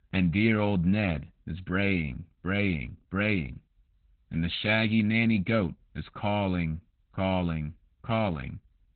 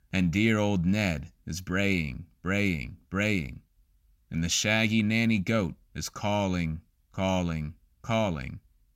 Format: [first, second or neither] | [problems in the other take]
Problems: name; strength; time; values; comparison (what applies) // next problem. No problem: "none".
second | garbled, watery; badly; nothing above 4 kHz